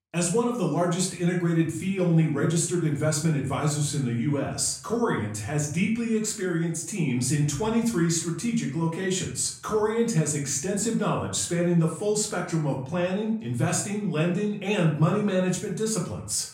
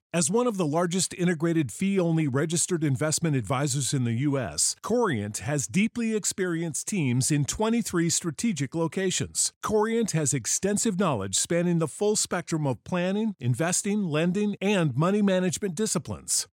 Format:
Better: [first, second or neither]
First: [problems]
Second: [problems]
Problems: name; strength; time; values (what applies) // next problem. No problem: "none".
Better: second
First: room echo; slight; dies away in 0.5 s // off-mic speech; far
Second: none